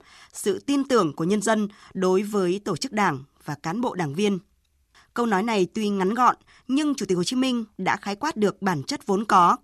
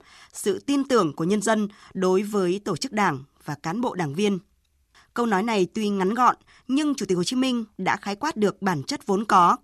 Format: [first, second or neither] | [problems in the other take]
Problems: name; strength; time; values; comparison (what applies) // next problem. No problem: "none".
neither | none